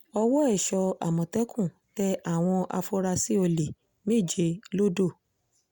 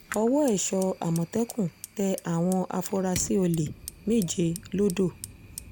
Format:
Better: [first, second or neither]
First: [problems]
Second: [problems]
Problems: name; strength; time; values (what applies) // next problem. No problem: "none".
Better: first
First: none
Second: background sound (Fire); 16 dB below the speech